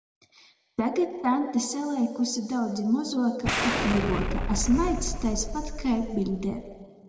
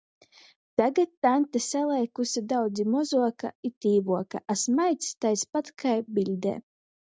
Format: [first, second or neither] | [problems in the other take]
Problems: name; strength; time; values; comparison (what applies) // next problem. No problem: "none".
second | background sound (Explosion); 2 dB below the speech // room echo; dies away in 1.6 s